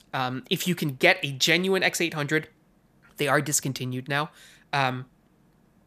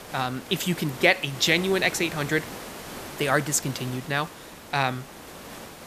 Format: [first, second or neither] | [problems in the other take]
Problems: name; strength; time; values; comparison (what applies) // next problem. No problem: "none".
first | hiss; noticeable; throughout; 15 dB below the speech